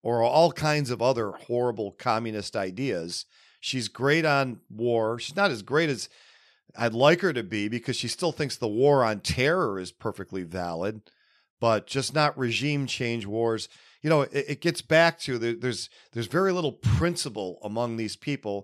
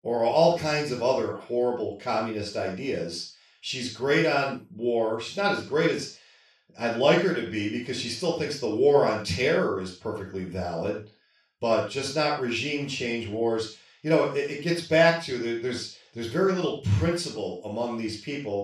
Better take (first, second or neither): first